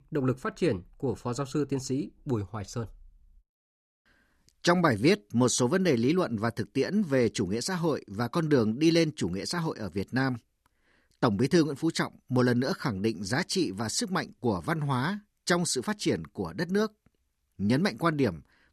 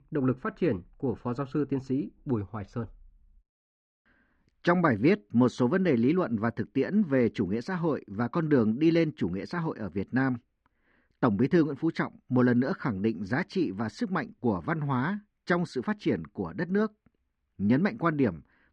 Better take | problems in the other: first | muffled; very; fading above 2 kHz

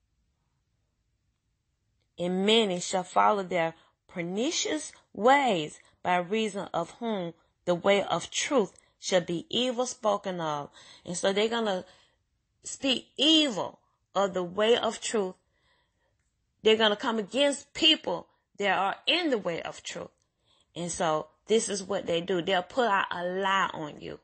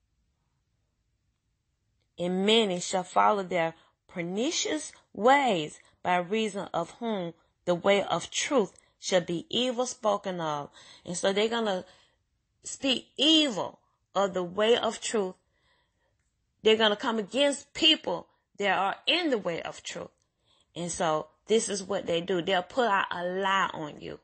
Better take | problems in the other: neither | garbled, watery; slightly; nothing above 8 kHz; the same in both

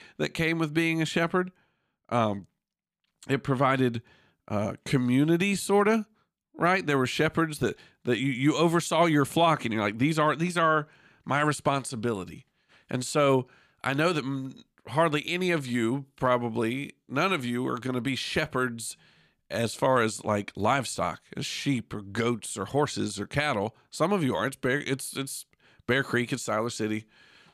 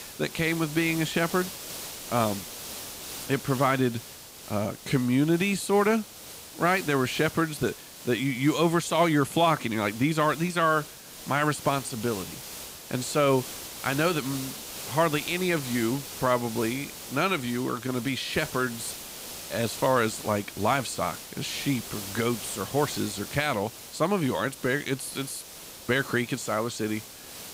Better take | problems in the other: first | hiss; noticeable; throughout; 10 dB below the speech

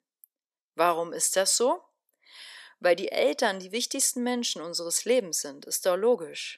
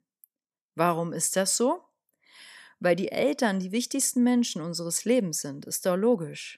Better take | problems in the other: second | thin; somewhat; fading below 450 Hz

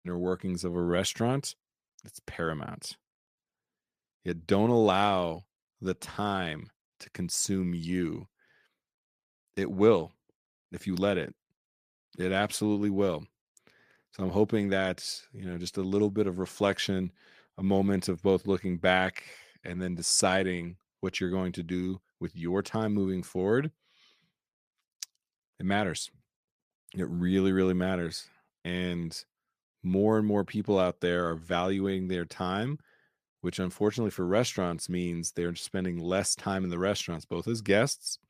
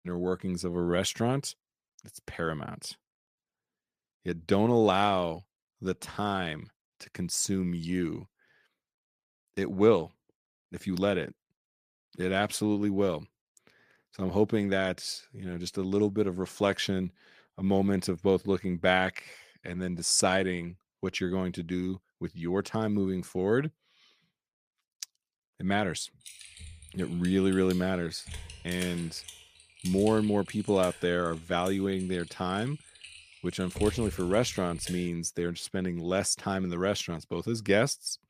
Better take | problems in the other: first | keyboard typing; noticeable; from 26 to 35 s; peak 8 dB below the speech

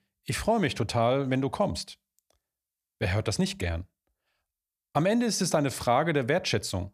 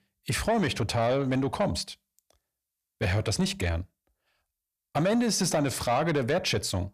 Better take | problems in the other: first | distortion; slight; 10 dB below the speech

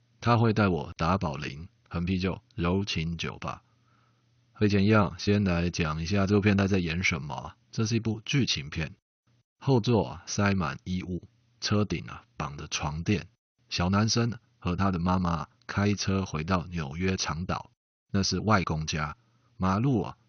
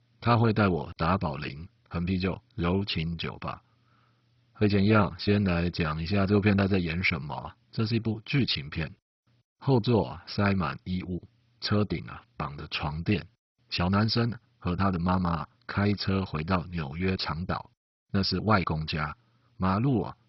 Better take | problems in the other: first | garbled, watery; badly; nothing above 5.5 kHz; slightly in the first

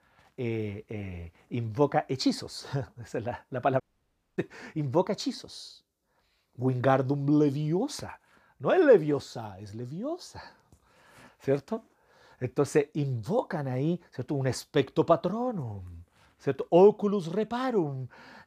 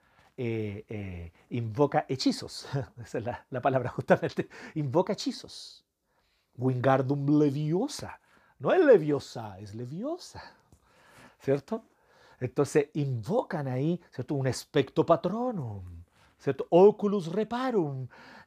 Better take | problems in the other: second | audio cutting out; at 4 s for 0.5 s

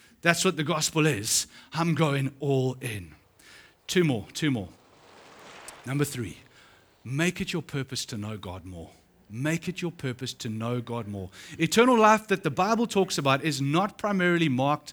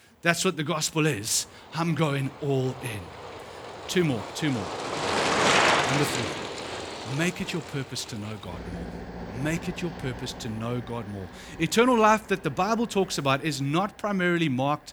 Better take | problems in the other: first | traffic noise; loud; throughout; 2 dB below the speech; faint in the first

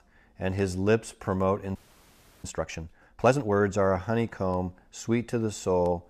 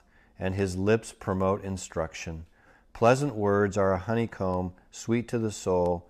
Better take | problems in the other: second | audio freezing; at 2 s for 0.5 s

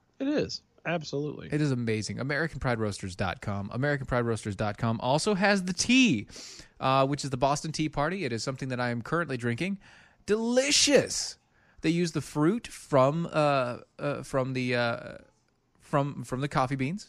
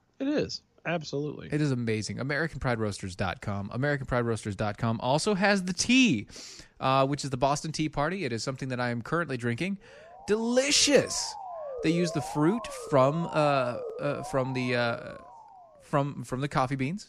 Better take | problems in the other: first | siren; noticeable; from 10 to 16 s; peak 8 dB below the speech

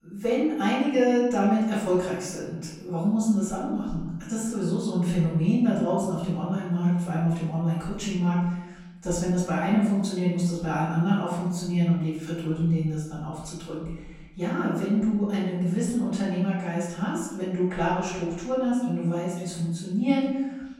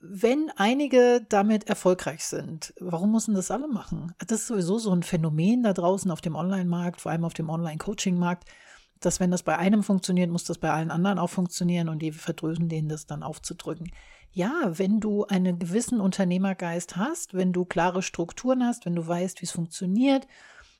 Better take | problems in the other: second | off-mic speech; far // room echo; noticeable; dies away in 0.9 s

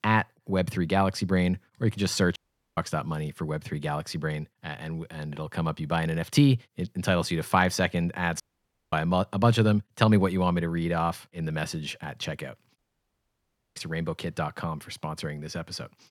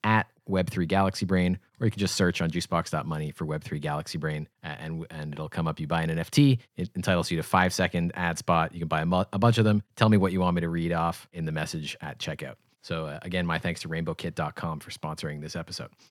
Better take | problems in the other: second | audio cutting out; at 2.5 s, at 8.5 s for 0.5 s and at 13 s for 1 s

